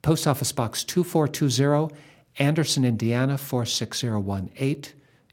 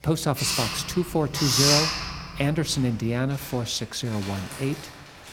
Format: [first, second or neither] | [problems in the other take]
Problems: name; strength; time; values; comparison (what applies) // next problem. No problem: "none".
first | household noises; very loud; throughout; 2 dB above the speech